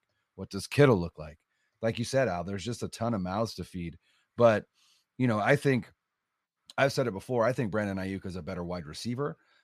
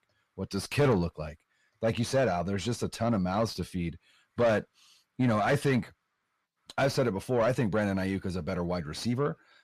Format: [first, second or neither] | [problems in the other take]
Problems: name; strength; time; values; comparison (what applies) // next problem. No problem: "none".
first | distortion; heavy; 7 dB below the speech